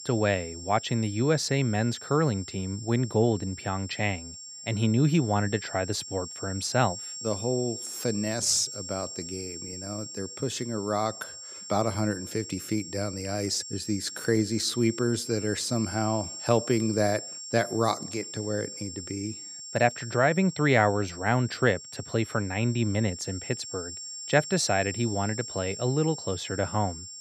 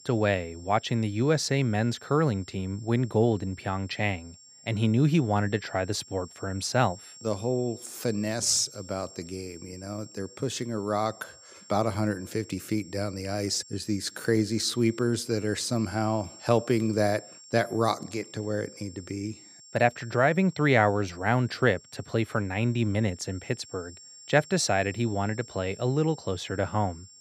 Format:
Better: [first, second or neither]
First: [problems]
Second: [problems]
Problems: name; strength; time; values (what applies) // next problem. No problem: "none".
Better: second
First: high-pitched whine; loud; throughout; 7.5 kHz, 10 dB below the speech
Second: high-pitched whine; faint; throughout; 7.5 kHz, 20 dB below the speech